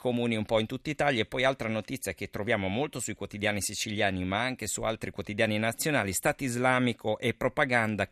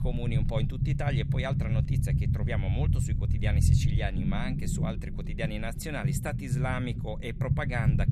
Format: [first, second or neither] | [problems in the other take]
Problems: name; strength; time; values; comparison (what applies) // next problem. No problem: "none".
first | low rumble; loud; throughout; 4 dB below the speech